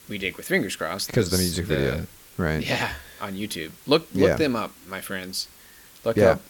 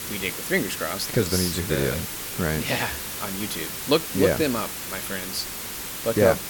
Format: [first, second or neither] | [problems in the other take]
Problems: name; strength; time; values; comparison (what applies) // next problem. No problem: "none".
first | hiss; loud; throughout; 5 dB below the speech; faint in the first